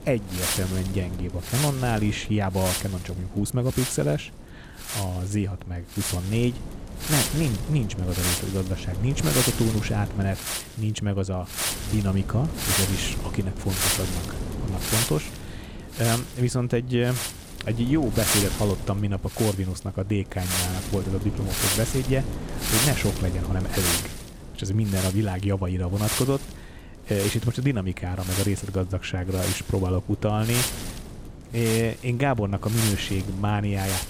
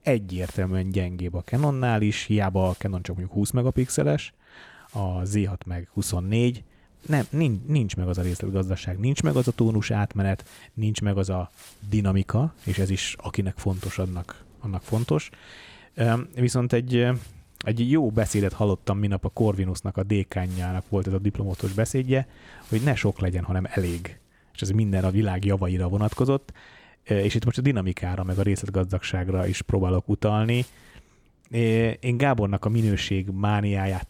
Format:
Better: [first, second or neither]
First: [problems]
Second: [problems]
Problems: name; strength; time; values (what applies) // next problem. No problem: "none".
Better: second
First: wind noise on the microphone; heavy; 1 dB above the speech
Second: wind noise on the microphone; occasional gusts; 20 dB below the speech